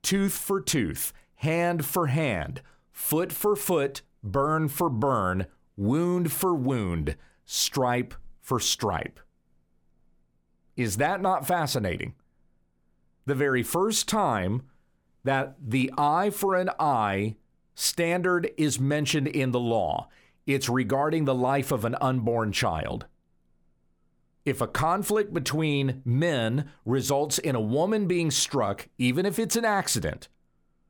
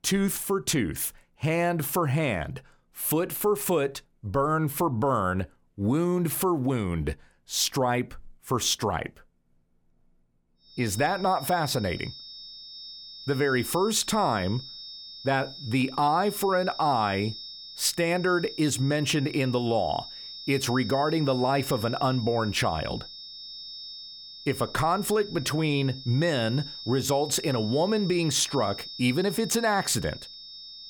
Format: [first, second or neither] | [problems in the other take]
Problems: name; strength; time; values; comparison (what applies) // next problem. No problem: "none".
first | high-pitched whine; noticeable; from 11 s on; 5.5 kHz, 10 dB below the speech